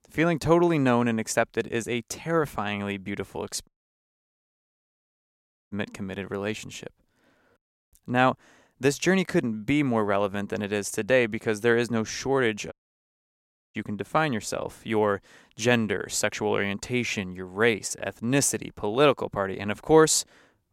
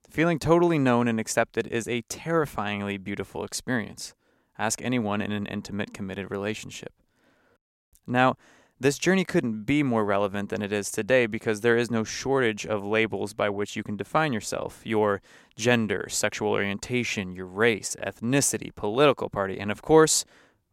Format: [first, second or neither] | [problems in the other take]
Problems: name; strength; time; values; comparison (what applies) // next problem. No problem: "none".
second | audio cutting out; at 3.5 s for 2 s and at 13 s for 1 s